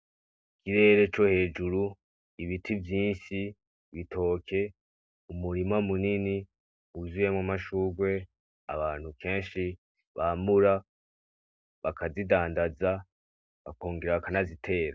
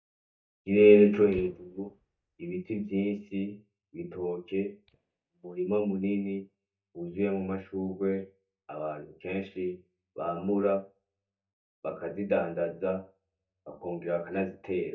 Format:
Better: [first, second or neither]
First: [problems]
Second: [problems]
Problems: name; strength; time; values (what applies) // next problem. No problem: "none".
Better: first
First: none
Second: noise reduction (neural mask model DeepFilterNet 3)